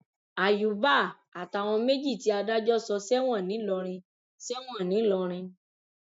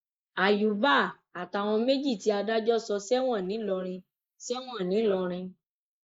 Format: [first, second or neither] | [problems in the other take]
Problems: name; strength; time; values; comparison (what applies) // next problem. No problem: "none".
first | noise reduction (neural mask model Resemble Enhance denoiser)